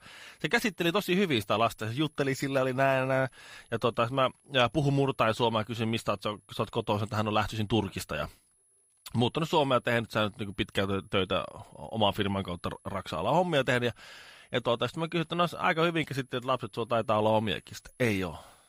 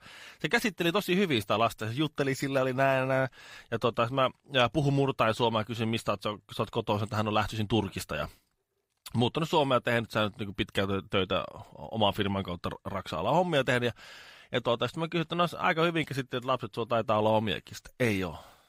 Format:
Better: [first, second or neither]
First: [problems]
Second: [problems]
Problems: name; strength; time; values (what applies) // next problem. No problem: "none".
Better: second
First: high-pitched whine; faint; throughout; 10.5 kHz, 35 dB below the speech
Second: none